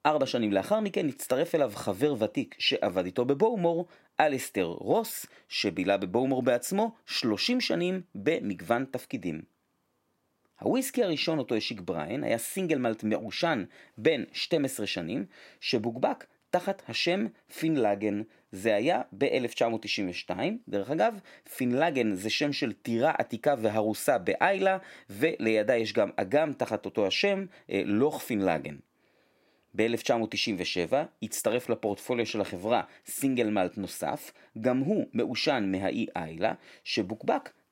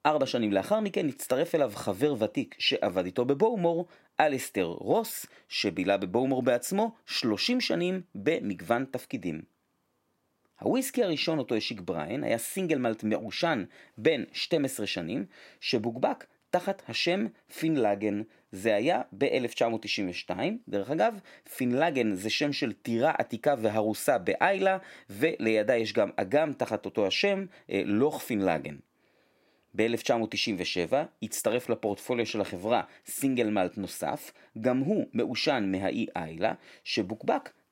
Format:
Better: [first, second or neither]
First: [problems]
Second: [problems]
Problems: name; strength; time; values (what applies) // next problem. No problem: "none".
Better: neither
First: none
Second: none